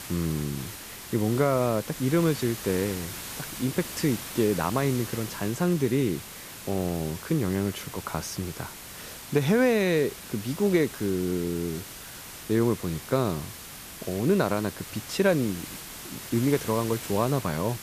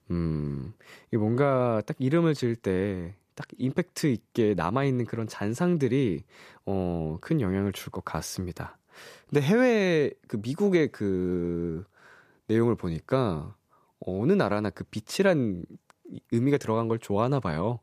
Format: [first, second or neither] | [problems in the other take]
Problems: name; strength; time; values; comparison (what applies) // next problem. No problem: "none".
second | hiss; noticeable; throughout; 10 dB below the speech